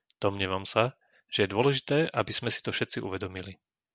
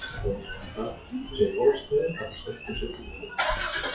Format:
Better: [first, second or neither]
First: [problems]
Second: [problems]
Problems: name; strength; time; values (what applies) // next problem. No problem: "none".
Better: first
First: none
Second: noise reduction (classical method WPE with log-MMSE)